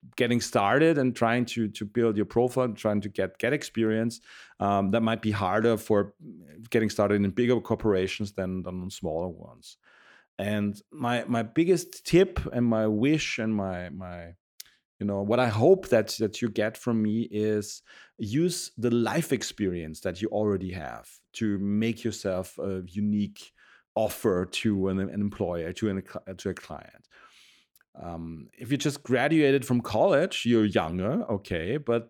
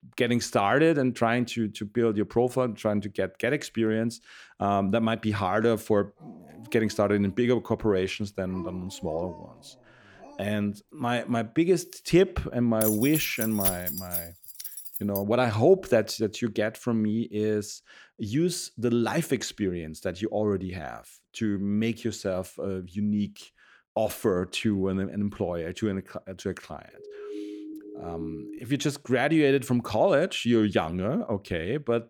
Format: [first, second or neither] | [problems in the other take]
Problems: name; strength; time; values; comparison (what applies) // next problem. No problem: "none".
first | dog barking; faint; from 6 to 11 s; peak 15 dB below the speech // jangling keys; loud; from 13 to 15 s; peak 1 dB above the speech // siren; faint; from 27 to 29 s; peak 10 dB below the speech